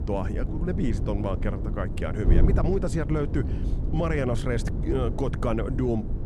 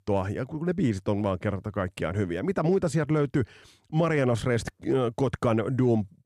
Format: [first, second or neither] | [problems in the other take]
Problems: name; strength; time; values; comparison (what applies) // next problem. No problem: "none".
second | wind noise on the microphone; heavy; 8 dB below the speech